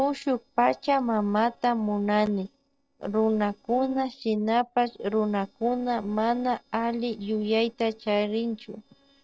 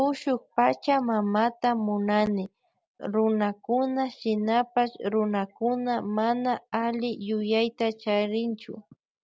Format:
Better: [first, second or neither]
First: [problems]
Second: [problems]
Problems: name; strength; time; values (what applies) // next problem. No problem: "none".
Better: second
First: noise reduction (neural separator model SepFormer DNS4)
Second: none